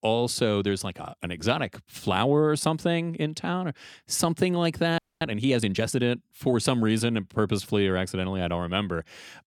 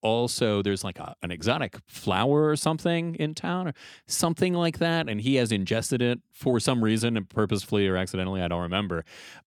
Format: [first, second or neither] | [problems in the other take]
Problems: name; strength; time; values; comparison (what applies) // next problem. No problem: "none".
second | audio freezing; at 5 s